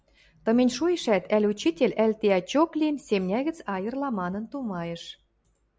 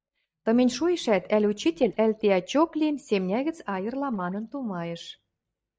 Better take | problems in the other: first | noise reduction (neural mask model DeepFilterNet 3)

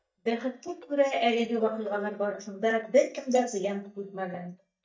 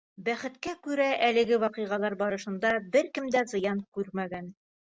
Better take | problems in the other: second | noise reduction (neural mask model DeepFilterNet 3)

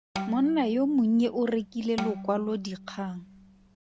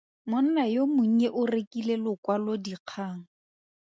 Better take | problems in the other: second | background sound (Bowed string instrument); 12 dB below the speech

